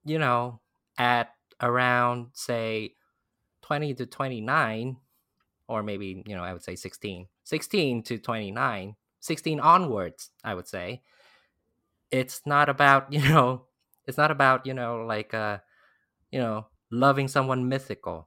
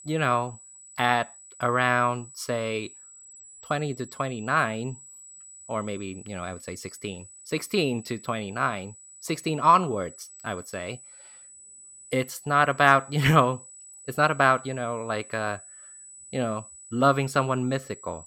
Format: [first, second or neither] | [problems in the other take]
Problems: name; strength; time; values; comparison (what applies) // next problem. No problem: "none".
first | high-pitched whine; noticeable; throughout; 8 kHz, 20 dB below the speech